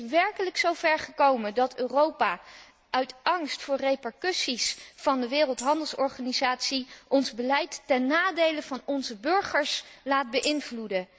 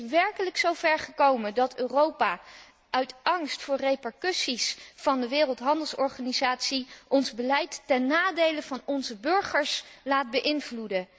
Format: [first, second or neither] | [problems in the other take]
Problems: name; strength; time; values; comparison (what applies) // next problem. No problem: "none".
second | background sound (Tambourine); 16 dB below the speech